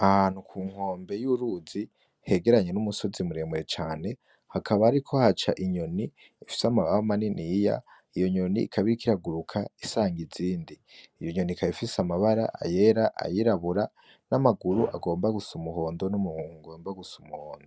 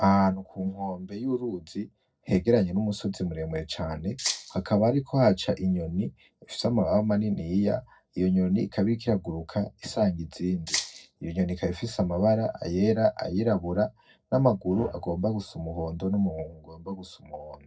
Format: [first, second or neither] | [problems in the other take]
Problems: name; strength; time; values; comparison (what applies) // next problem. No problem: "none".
first | noise reduction (neural separator model SepFormer DNS4)